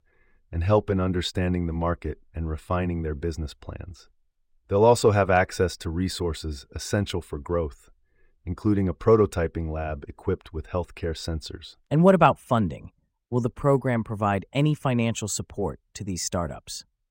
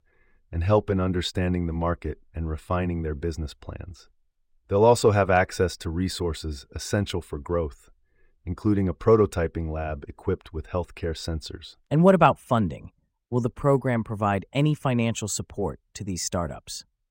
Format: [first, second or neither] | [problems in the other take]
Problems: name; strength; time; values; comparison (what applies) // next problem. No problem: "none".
neither | none